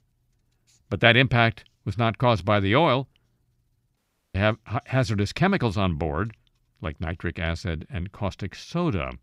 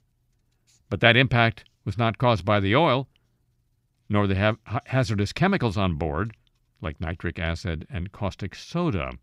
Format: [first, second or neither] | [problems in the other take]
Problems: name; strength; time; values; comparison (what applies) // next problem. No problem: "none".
second | audio cutting out; at 4 s